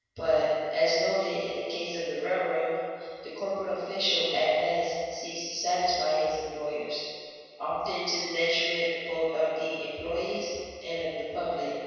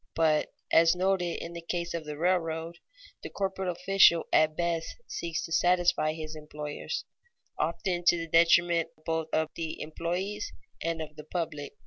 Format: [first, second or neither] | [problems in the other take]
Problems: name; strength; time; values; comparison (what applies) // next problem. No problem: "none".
second | room echo; dies away in 1.9 s